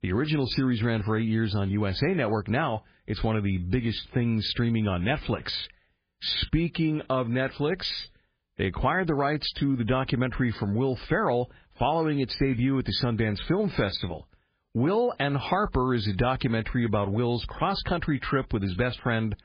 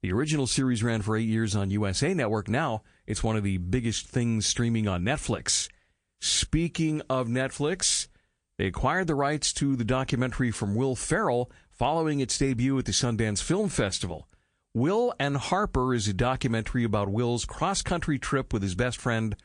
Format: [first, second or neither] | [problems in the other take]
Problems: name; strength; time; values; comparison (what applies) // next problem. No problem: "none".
second | garbled, watery; badly; slightly in the second